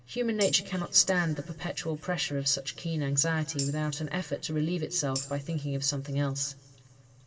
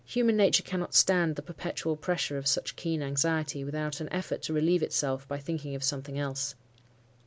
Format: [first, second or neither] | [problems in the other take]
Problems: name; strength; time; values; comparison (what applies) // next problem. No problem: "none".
second | background sound (Tambourine); 13 dB below the speech // room echo; dies away in 2.2 s